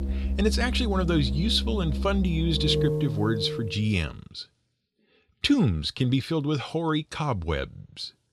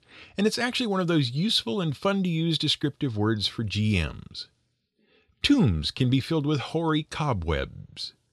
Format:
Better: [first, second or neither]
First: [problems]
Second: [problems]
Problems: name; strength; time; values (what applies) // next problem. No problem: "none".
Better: second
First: background music; loud; until 3.5 s; 3 dB below the speech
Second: none